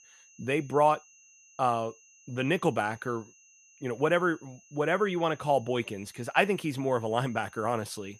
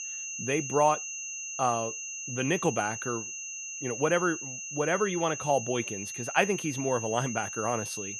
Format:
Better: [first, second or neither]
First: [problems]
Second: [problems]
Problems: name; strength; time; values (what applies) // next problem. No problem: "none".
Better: first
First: high-pitched whine; faint; throughout; 6 kHz, 25 dB below the speech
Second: high-pitched whine; loud; throughout; 6 kHz, 6 dB below the speech